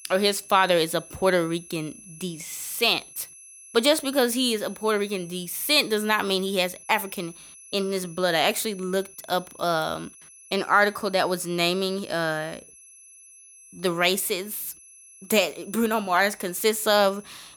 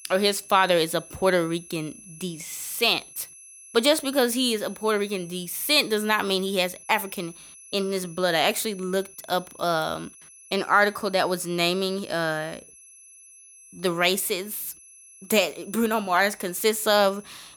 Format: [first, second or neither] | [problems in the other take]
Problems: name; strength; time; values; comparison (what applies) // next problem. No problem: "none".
neither | high-pitched whine; faint; throughout; 11 kHz, 20 dB below the speech; the same in both